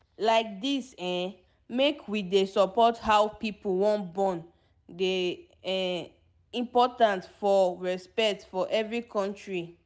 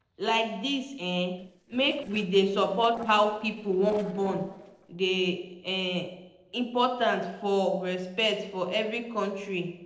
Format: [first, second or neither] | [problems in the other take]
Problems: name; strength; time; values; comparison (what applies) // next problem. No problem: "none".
first | noise reduction (neural separator model SepFormer DNS4)